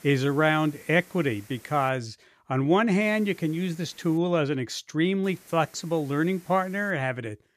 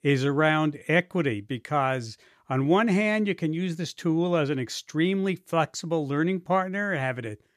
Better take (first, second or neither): second